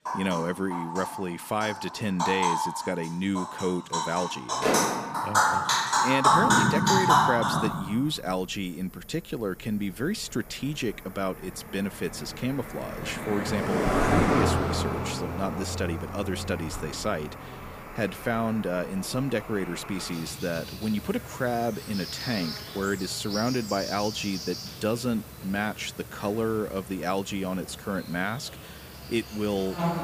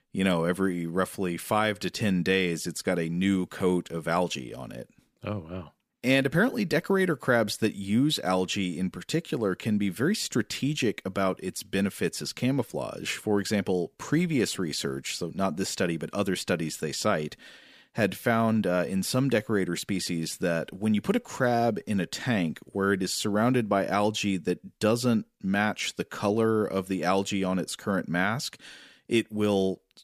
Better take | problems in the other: second | animal sounds; very loud; throughout; 3 dB above the speech

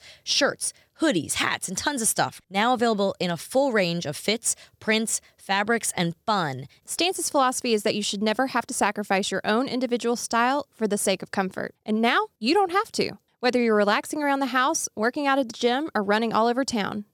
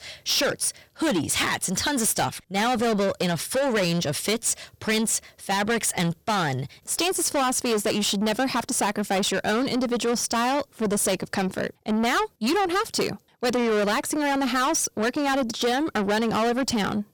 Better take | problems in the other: first | distortion; heavy; 6 dB below the speech

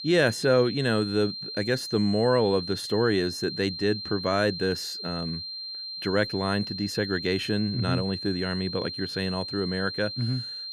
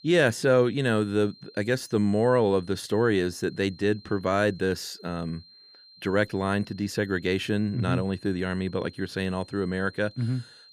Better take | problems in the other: second | high-pitched whine; loud; throughout; 4 kHz, 7 dB below the speech; faint in the second

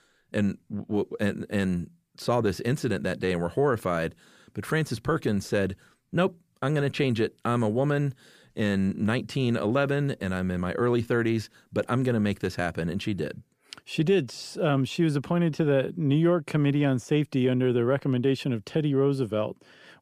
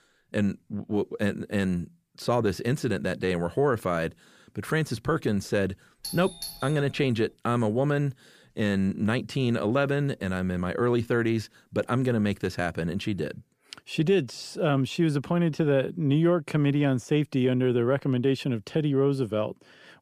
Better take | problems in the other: first | doorbell; noticeable; from 6 to 7 s; peak 9 dB below the speech

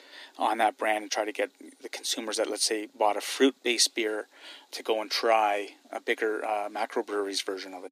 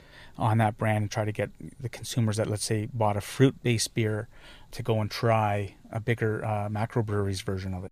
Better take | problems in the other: second | thin; somewhat; fading below 250 Hz

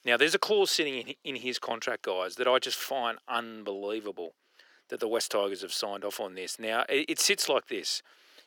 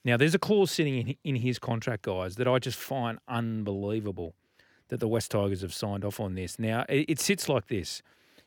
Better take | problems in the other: second | thin; very; fading below 400 Hz

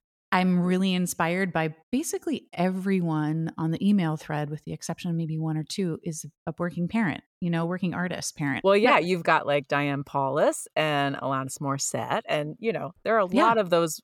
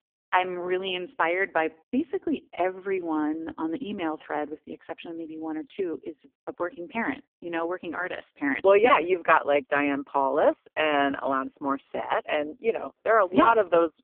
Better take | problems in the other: first | phone-call audio; poor line; nothing above 3 kHz

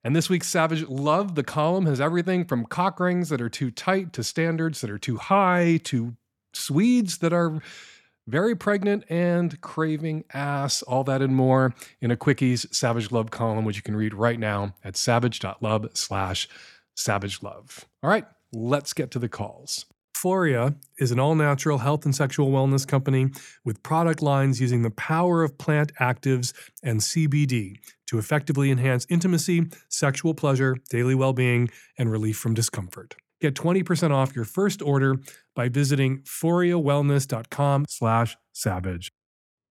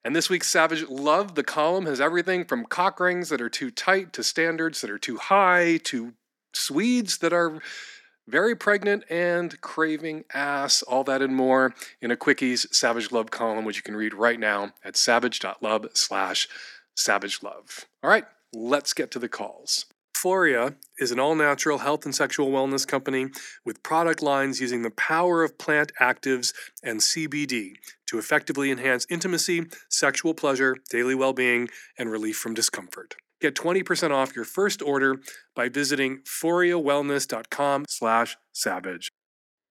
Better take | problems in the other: first | thin; somewhat; fading below 250 Hz

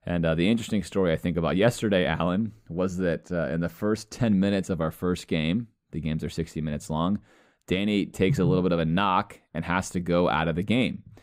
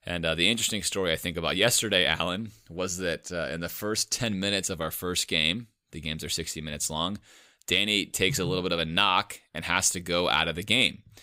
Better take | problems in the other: second | muffled; very; fading above 2 kHz

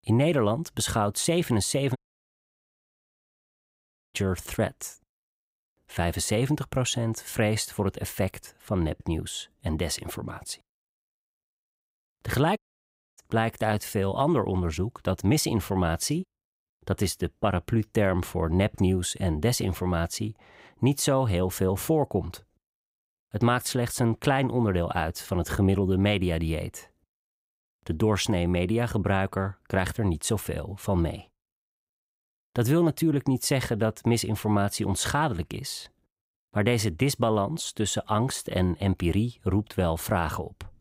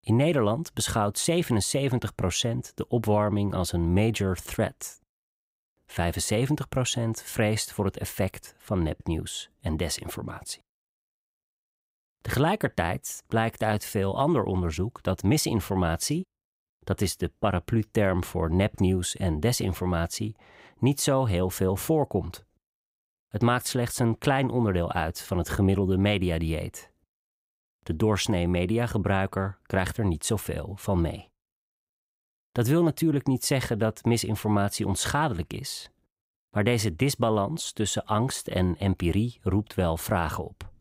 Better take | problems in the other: second | audio cutting out; at 2 s for 2 s and at 13 s for 0.5 s

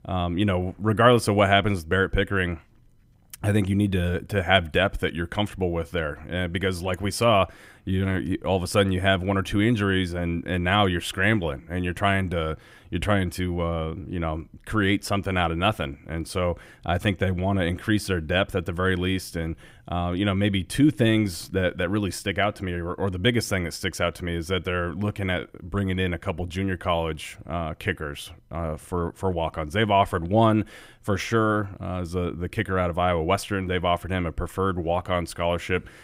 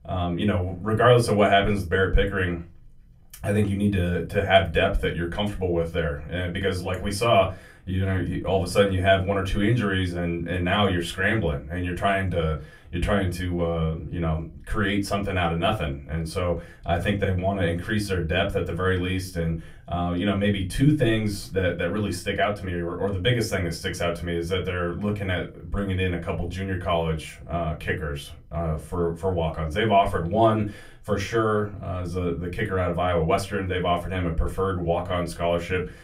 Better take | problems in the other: first | off-mic speech; far // room echo; very slight; dies away in 0.2 s

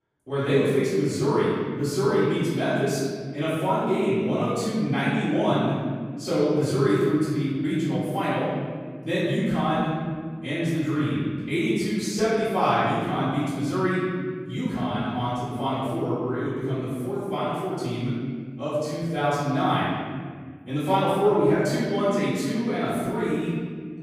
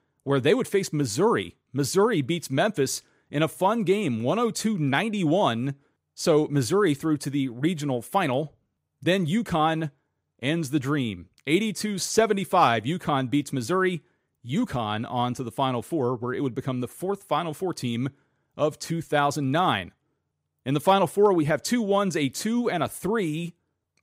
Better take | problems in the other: second | off-mic speech; far // room echo; strong; dies away in 2 s

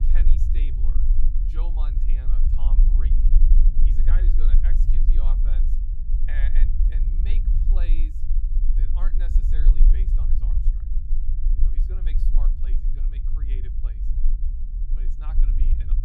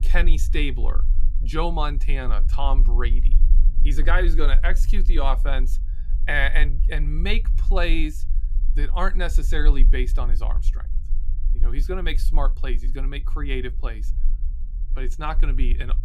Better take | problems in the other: second | low rumble; loud; throughout; 1 dB below the speech; faint in the second

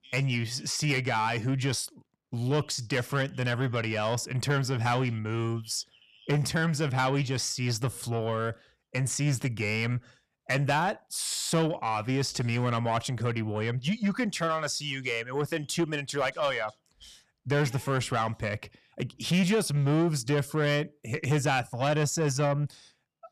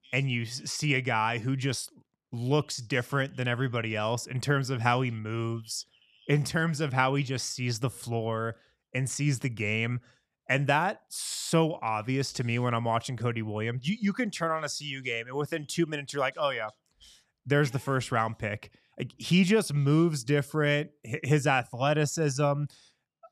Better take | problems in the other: second | distortion; slight; 10 dB below the speech

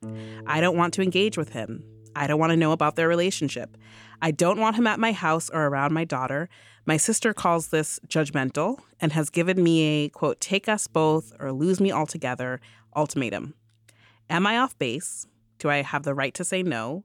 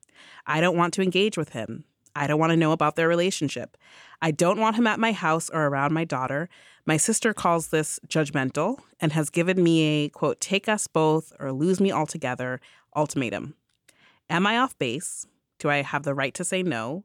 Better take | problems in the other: second | background music; faint; throughout; 25 dB below the speech

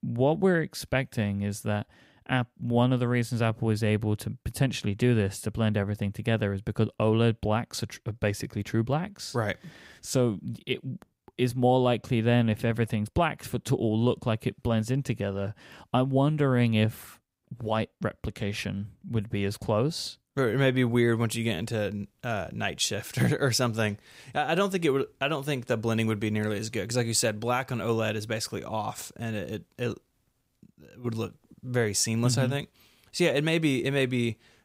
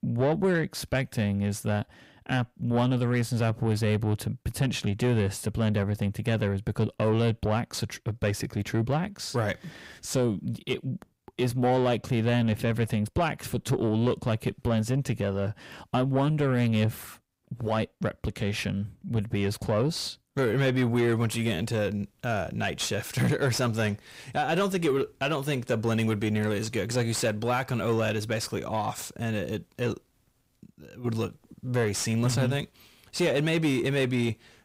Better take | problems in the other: first | distortion; slight; 10 dB below the speech

